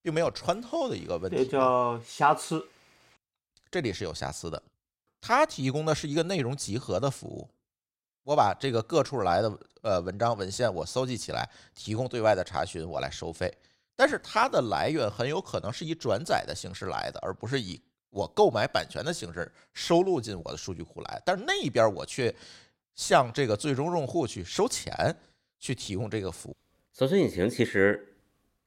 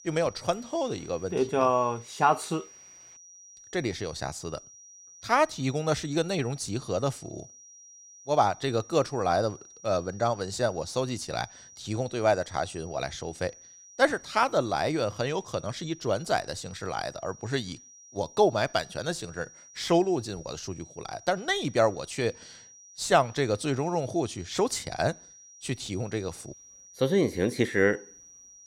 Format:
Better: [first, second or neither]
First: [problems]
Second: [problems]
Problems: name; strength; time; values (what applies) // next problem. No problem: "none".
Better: first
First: none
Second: high-pitched whine; faint; throughout; 5.5 kHz, 20 dB below the speech